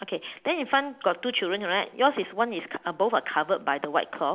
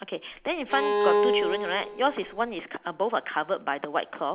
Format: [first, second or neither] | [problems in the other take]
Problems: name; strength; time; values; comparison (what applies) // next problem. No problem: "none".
first | background sound (Bowed string instrument); 2 dB above the speech